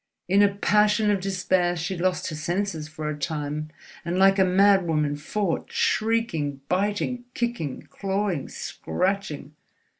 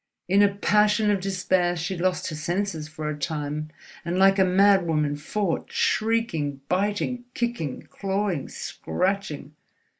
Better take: first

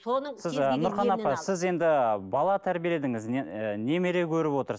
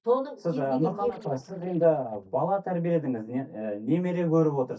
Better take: first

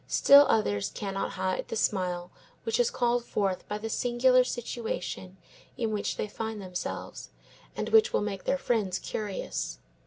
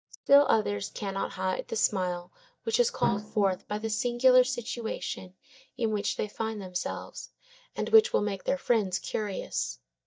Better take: first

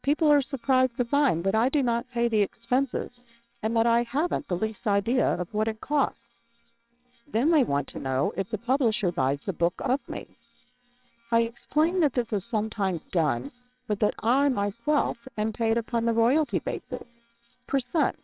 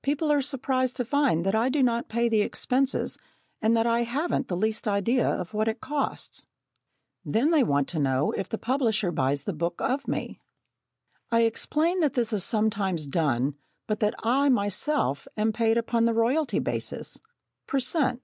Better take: second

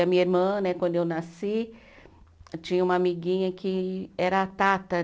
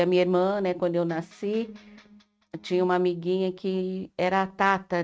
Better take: first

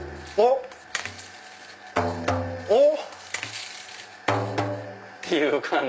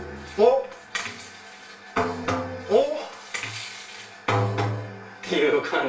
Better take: first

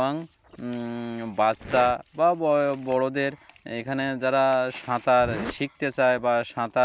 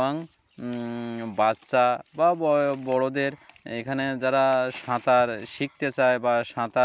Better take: second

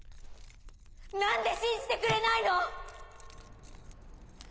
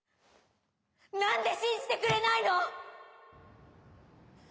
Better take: second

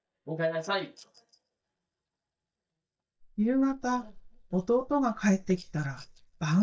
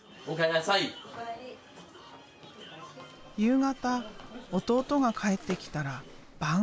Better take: second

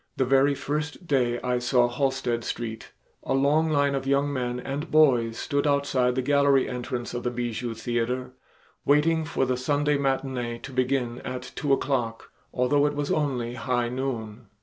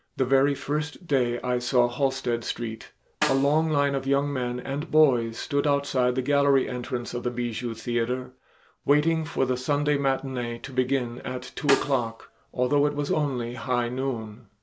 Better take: first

